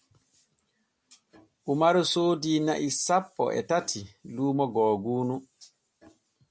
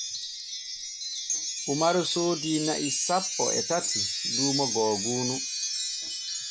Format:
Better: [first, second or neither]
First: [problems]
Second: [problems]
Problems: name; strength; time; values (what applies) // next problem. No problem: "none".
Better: first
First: none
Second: background sound (Wind chime); 1 dB below the speech